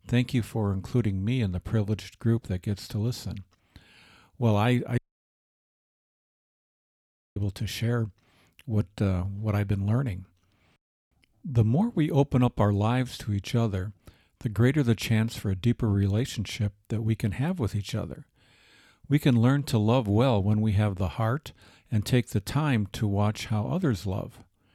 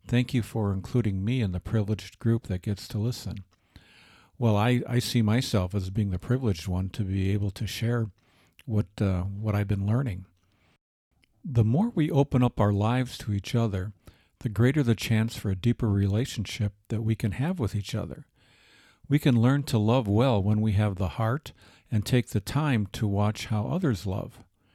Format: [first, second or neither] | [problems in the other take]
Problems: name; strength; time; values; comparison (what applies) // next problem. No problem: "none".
second | audio cutting out; at 5 s for 2.5 s